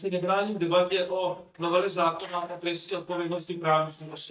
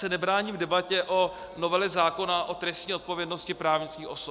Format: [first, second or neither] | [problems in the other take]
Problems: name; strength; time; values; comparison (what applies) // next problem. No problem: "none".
second | noise reduction (neural mask model DeepFilterNet 3)